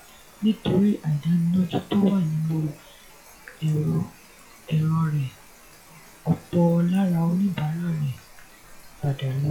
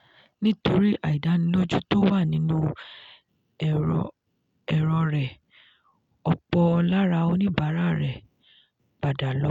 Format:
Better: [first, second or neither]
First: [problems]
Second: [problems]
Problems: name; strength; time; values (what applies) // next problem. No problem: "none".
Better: second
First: noise reduction (classical method log-MMSE)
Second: none